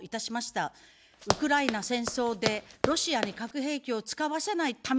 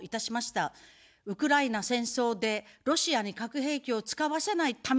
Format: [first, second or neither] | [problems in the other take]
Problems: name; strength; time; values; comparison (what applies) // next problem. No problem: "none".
second | background sound (Run); 4 dB below the speech